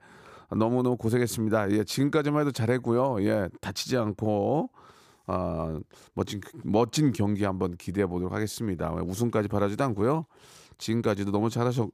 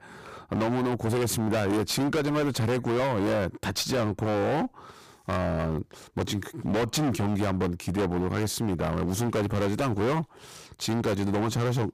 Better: first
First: none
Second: distortion; heavy; 29% of the sound clipped

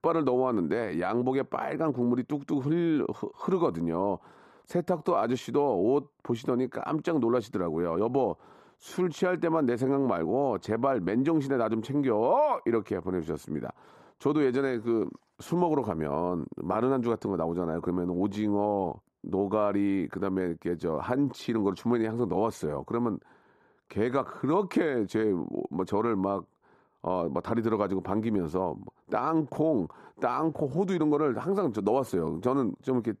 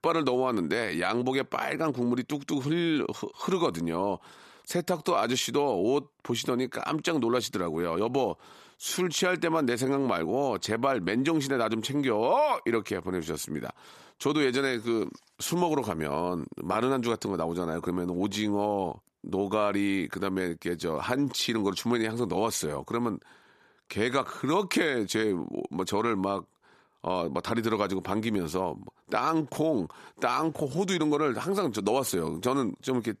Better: second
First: muffled; slightly; fading above 2 kHz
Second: none

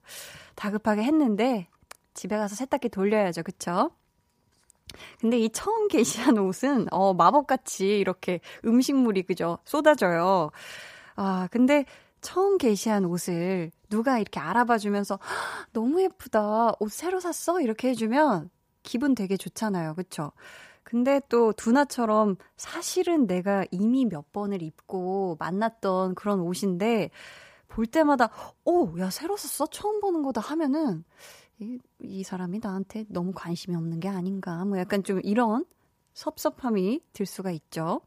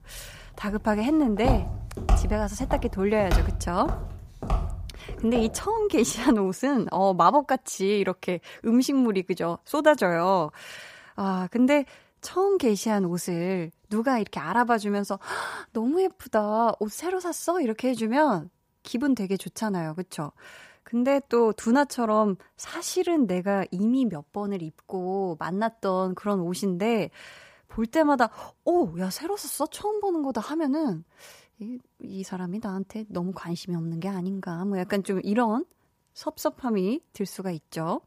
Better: first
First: none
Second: footsteps; loud; from 1.5 to 5.5 s; peak level with the speech

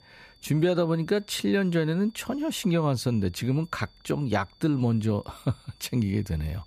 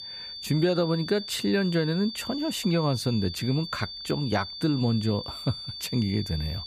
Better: first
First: high-pitched whine; faint; throughout; 4.5 kHz, 30 dB below the speech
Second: high-pitched whine; loud; throughout; 4.5 kHz, 9 dB below the speech

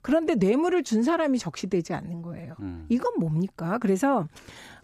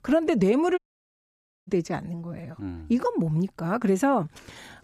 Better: first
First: none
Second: audio cutting out; at 1 s for 1 s

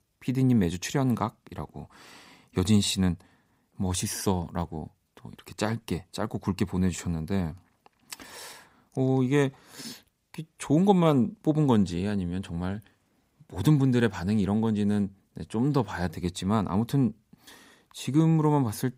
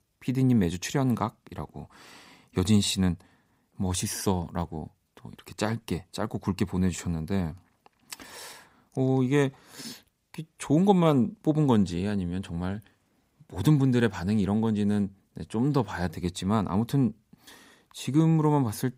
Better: neither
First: none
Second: none

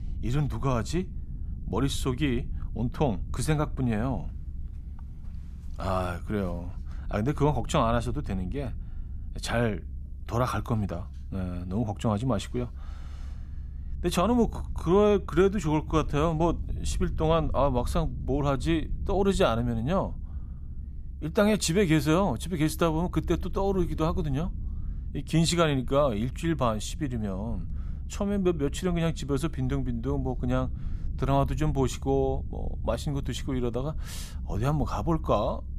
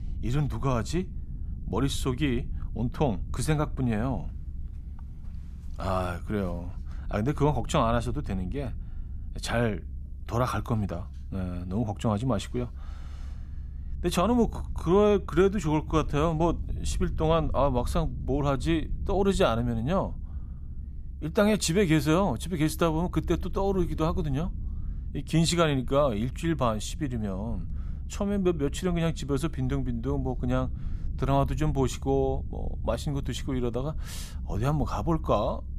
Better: neither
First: low rumble; faint; throughout; 25 dB below the speech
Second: low rumble; faint; throughout; 25 dB below the speech

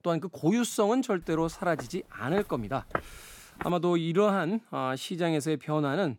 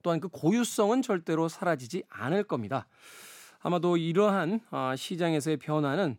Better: second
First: footsteps; noticeable; from 2 to 3.5 s; peak 7 dB below the speech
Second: none

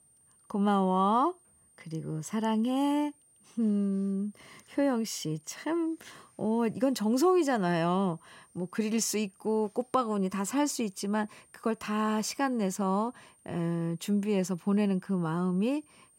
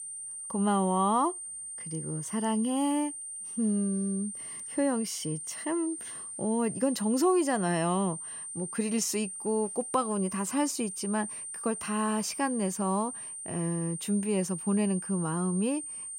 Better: first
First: high-pitched whine; faint; throughout; 9 kHz, 30 dB below the speech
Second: high-pitched whine; loud; throughout; 9 kHz, 7 dB below the speech

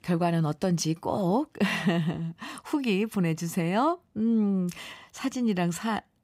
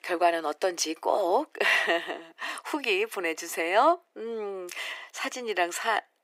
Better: first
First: none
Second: thin; very; fading below 350 Hz

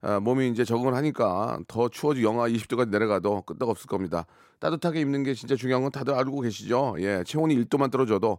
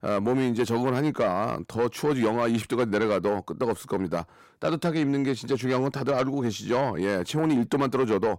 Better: first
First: none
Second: distortion; slight; 10 dB below the speech

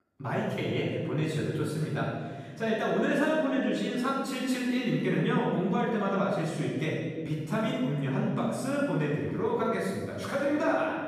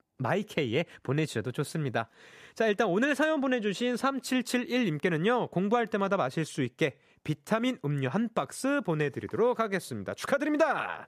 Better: second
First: room echo; strong; dies away in 1.6 s // off-mic speech; far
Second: none

